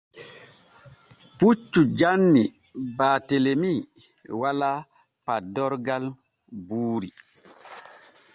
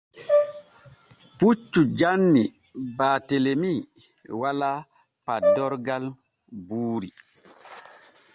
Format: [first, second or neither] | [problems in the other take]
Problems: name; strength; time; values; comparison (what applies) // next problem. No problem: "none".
first | background sound (Brass instrument); 1 dB below the speech